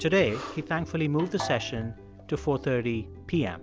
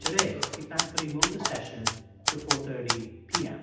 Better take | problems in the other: first | background sound (Typewriter); 4 dB above the speech // room echo; dies away in 0.8 s

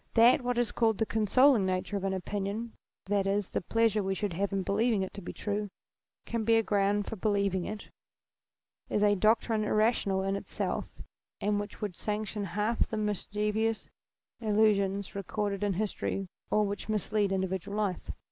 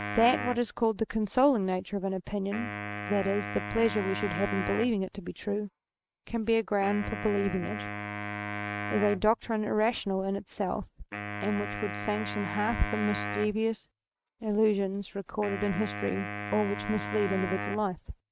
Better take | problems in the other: first | noise reduction (neural mask model RNNoise)

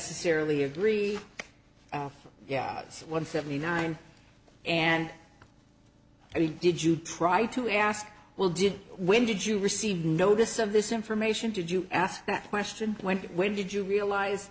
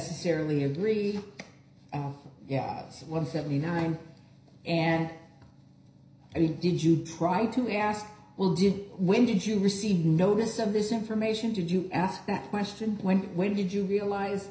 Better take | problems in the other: first | room echo; dies away in 0.5 s

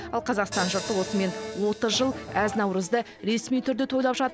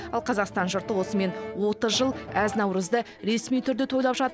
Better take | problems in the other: second | background sound (Hi-hat); 14 dB below the speech

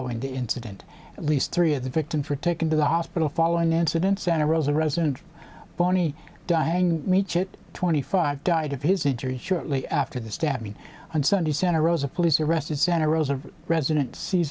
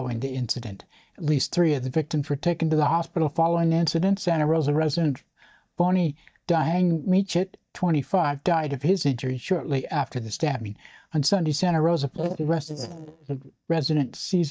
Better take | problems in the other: first | noise reduction (neural mask model DeepFilterNet 3)

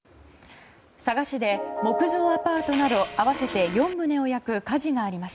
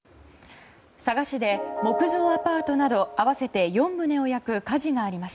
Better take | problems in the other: second | background sound (Fart); 10 dB below the speech

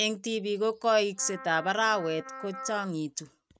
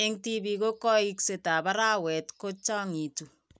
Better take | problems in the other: second | noise reduction (neural mask model RNNoise)

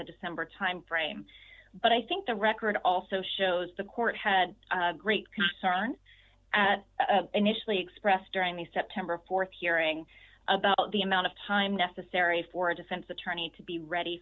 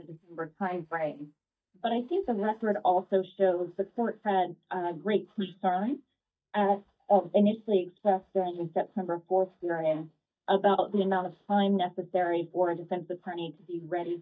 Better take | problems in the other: first | noise reduction (neural mask model DeepFilterNet 3)

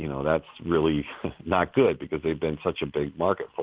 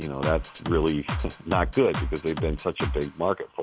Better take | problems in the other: first | background sound (Drum kit); 5 dB below the speech

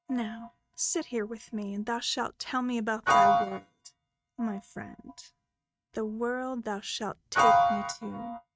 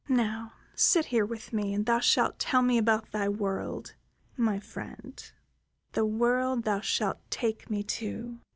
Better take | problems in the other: second | noise reduction (neural mask model RNNoise)

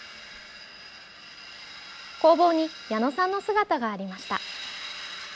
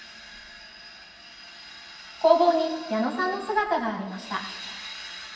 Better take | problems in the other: first | room echo; dies away in 1.2 s

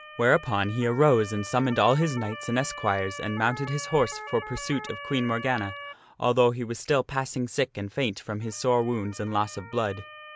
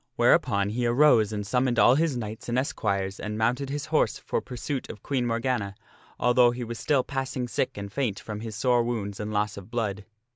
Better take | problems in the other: second | background sound (Motor vehicle (road) / Siren); 15 dB below the speech

